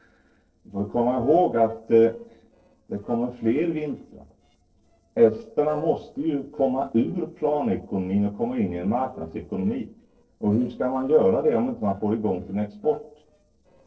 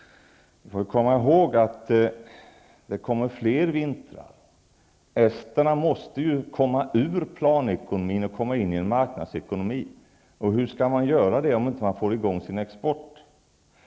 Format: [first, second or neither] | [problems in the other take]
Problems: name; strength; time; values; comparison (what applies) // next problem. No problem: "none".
second | noise reduction (neural separator model SepFormer DNS4)